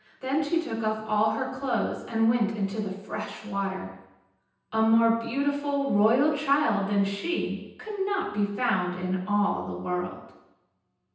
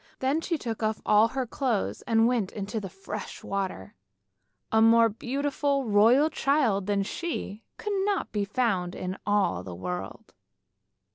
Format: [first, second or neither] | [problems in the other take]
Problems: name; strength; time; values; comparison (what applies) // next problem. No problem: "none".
second | room echo; dies away in 0.9 s